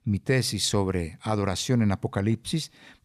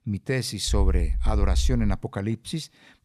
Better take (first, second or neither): first